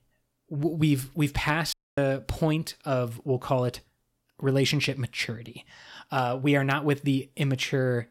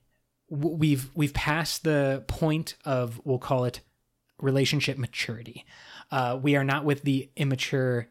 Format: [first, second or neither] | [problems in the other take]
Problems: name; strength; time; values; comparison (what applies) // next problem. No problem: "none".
second | audio cutting out; at 1.5 s